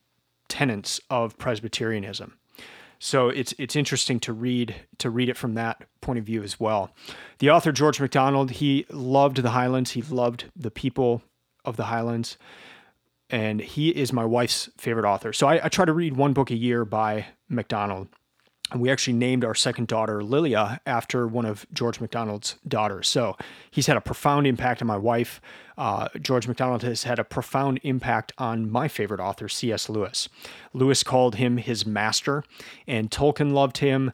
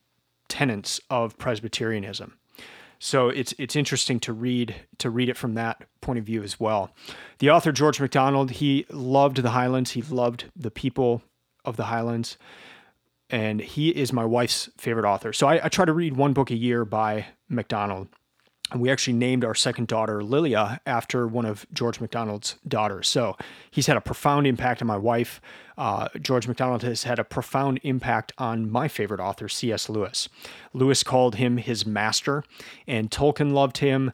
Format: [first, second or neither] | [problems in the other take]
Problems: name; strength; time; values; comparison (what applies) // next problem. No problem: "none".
neither | none